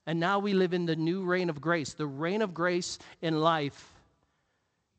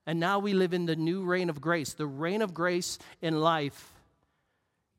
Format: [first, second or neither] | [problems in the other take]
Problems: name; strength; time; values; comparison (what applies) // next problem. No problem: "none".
second | garbled, watery; slightly; nothing above 8 kHz